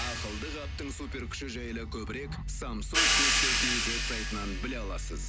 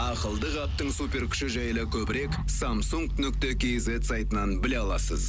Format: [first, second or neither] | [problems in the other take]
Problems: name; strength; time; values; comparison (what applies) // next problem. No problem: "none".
second | background sound (Hi-hat); 3 dB above the speech